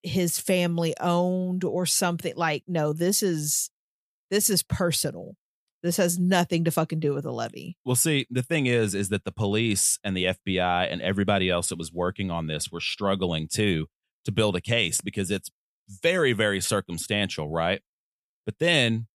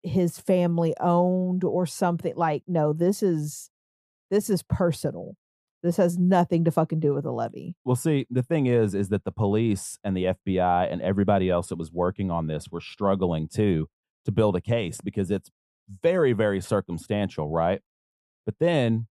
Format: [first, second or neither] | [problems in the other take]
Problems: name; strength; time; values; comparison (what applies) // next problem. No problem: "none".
first | muffled; very; fading above 1.5 kHz